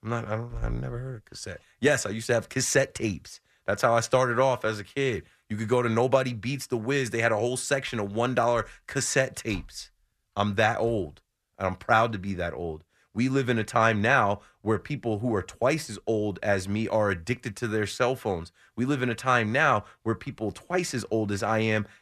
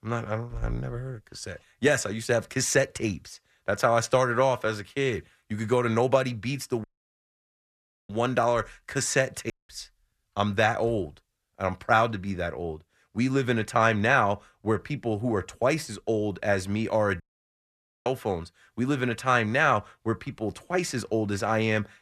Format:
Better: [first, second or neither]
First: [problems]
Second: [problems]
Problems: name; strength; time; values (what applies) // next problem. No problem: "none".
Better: first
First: none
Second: audio cutting out; at 7 s for 1.5 s, at 9.5 s and at 17 s for 1 s